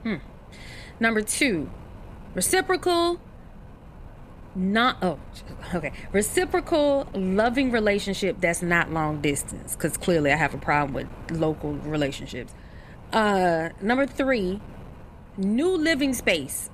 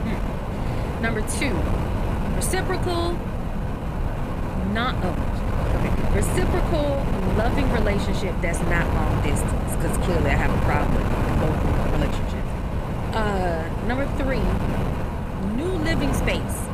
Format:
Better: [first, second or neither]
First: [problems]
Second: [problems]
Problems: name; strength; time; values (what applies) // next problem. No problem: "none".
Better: first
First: wind noise on the microphone; occasional gusts; 25 dB below the speech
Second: wind noise on the microphone; heavy; 1 dB below the speech